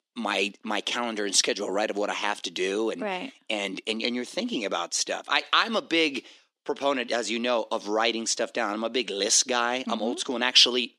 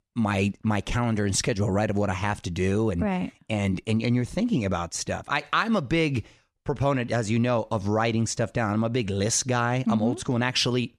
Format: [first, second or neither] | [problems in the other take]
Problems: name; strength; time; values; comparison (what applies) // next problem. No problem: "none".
second | thin; somewhat; fading below 250 Hz